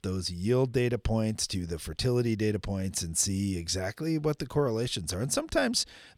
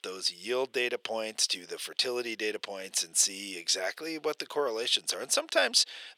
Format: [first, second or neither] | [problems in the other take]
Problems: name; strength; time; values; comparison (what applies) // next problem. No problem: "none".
first | thin; very; fading below 450 Hz